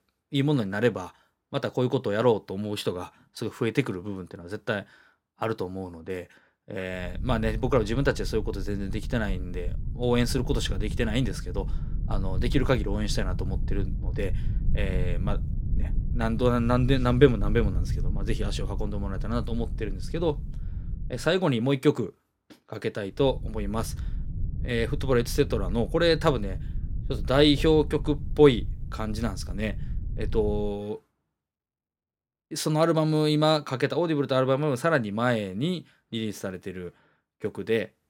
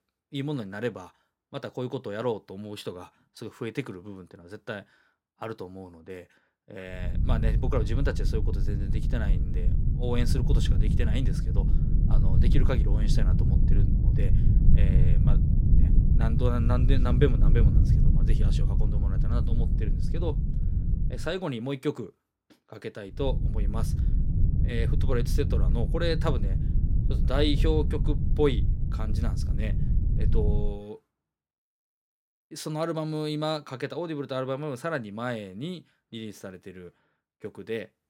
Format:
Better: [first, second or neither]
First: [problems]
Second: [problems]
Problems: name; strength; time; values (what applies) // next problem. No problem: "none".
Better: first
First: low rumble; faint; from 7 to 21 s and from 23 to 31 s; 20 dB below the speech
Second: low rumble; loud; from 7 to 21 s and from 23 to 31 s; 6 dB below the speech